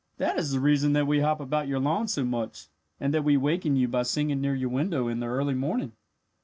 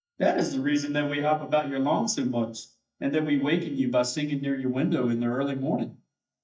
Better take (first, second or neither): first